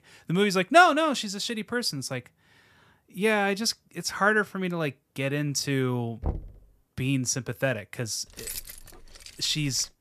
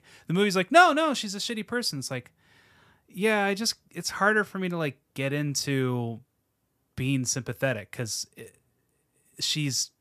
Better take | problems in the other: second | door banging; noticeable; at 6 s; peak 9 dB below the speech // jangling keys; noticeable; from 8.5 s on; peak 9 dB below the speech

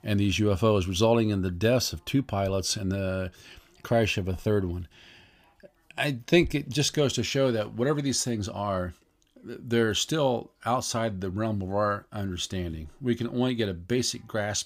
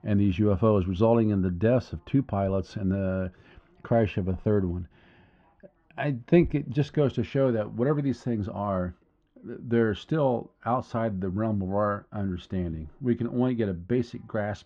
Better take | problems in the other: first | muffled; very; fading above 1.5 kHz

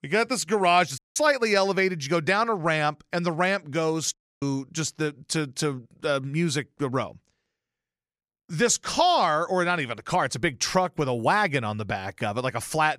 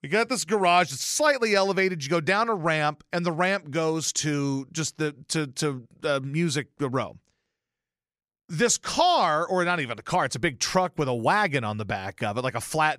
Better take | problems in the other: second | audio cutting out; at 1 s and at 4 s

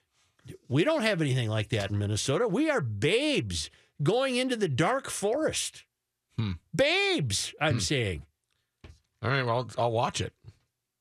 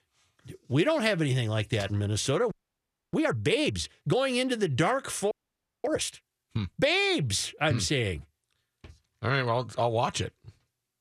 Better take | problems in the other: first | audio freezing; at 2.5 s for 0.5 s and at 5.5 s for 0.5 s

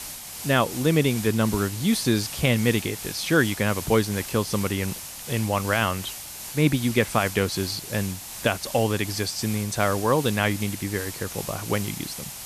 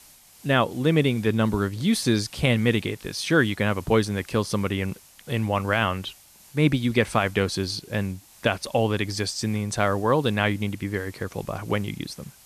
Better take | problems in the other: second | hiss; loud; throughout; 9 dB below the speech; faint in the second

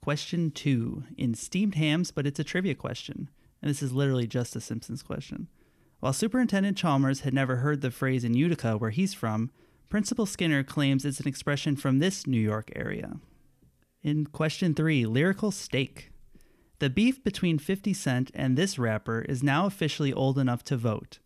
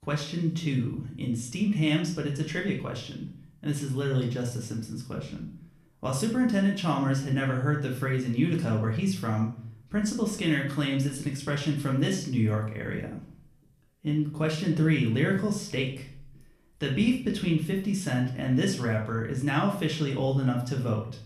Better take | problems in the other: first | room echo; slight; dies away in 0.5 s // off-mic speech; somewhat distant

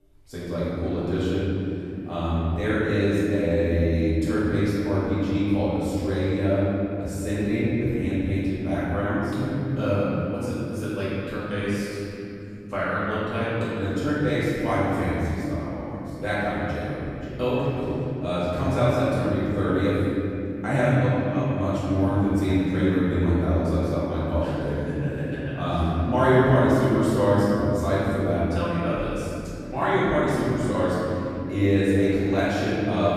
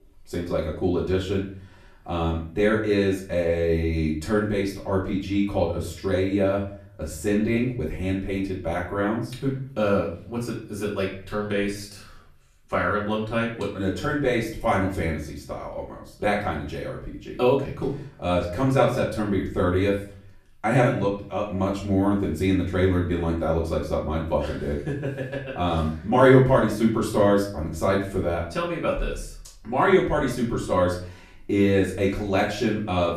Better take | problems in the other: second | room echo; strong; dies away in 3 s; slight in the second // off-mic speech; far; far in the second

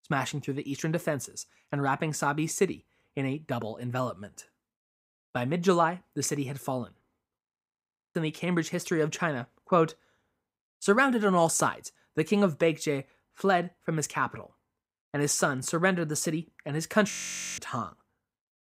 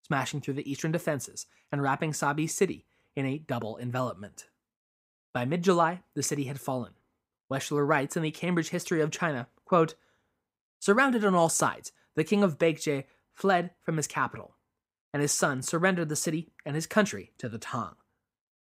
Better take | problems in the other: second | audio freezing; at 7.5 s for 0.5 s and at 17 s

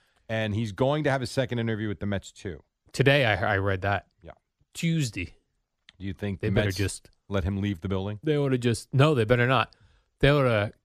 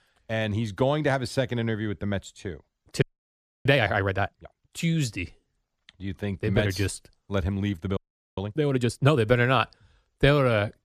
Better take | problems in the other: first | audio freezing; at 3 s for 0.5 s and at 8 s

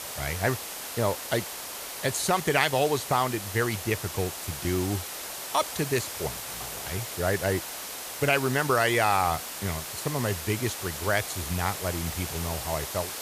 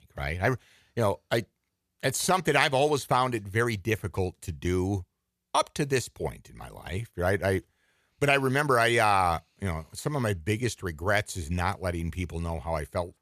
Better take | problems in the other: second | hiss; loud; throughout; 6 dB below the speech

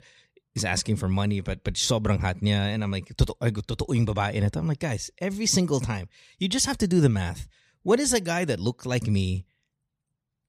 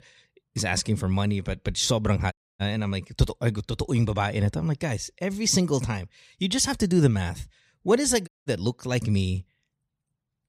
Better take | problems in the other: first | audio cutting out; at 2.5 s and at 8.5 s

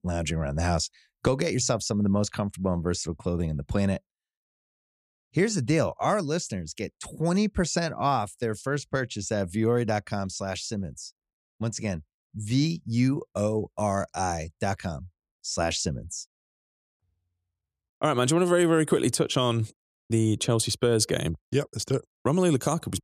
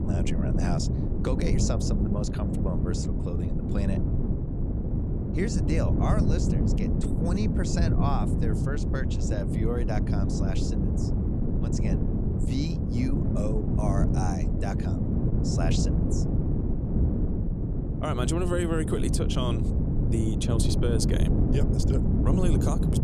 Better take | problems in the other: first | wind noise on the microphone; heavy; 1 dB below the speech

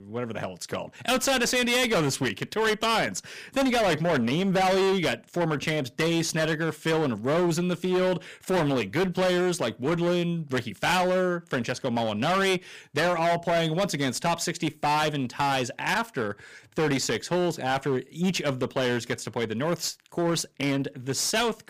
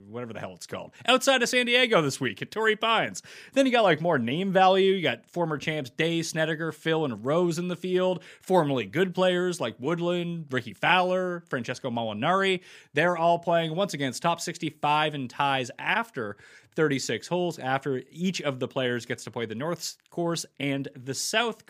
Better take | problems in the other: second | distortion; heavy; 20% of the sound clipped

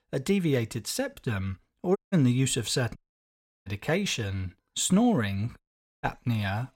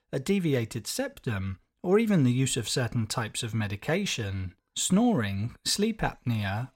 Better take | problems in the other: second | audio cutting out; at 2 s, at 3 s for 0.5 s and at 5.5 s

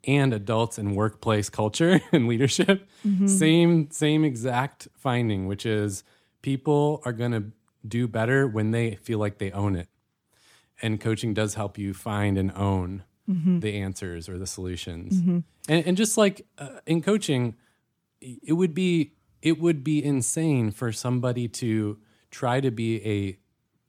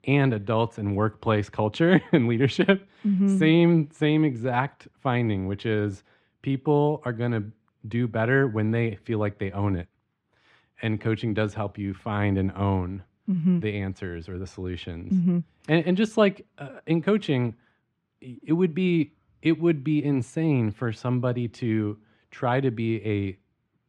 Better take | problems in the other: first | muffled; very; fading above 2.5 kHz

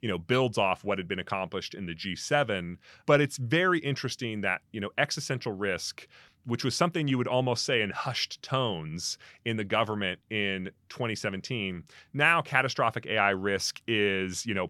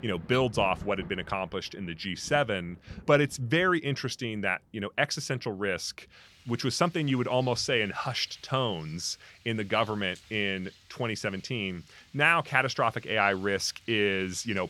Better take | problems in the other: first | rain or running water; faint; throughout; 25 dB below the speech

